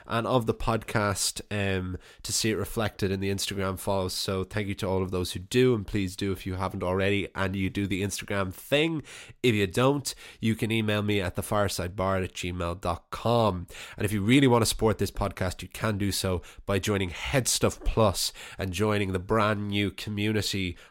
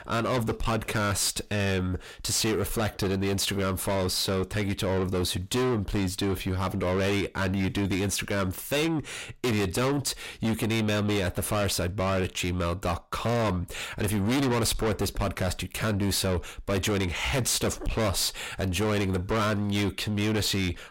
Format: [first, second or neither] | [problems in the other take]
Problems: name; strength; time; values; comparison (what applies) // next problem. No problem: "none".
first | distortion; heavy; 6 dB below the speech